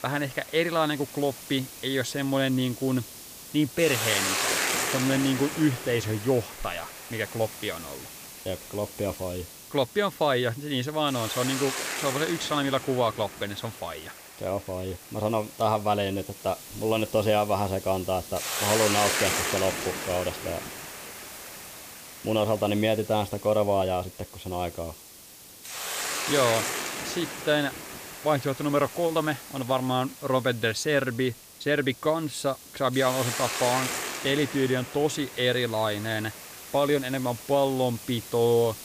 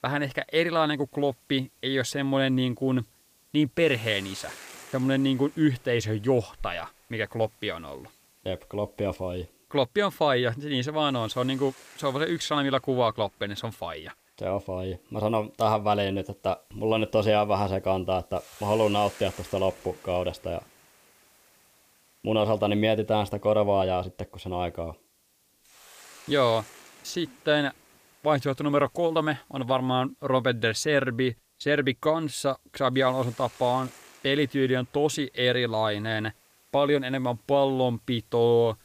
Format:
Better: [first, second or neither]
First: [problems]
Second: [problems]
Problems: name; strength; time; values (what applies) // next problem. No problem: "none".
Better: second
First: hiss; loud; throughout; 6 dB below the speech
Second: hiss; faint; throughout; 25 dB below the speech